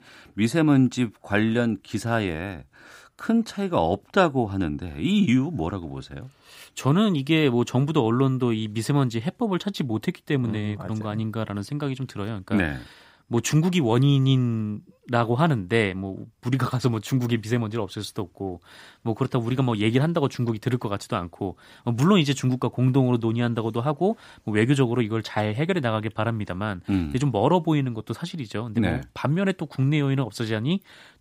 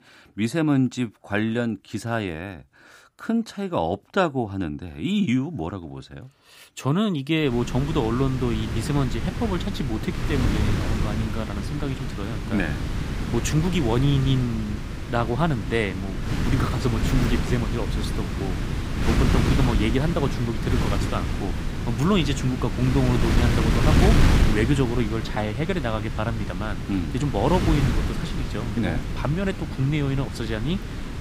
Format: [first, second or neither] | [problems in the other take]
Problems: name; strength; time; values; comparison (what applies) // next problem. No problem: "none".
first | wind noise on the microphone; heavy; from 7.5 s on; 4 dB below the speech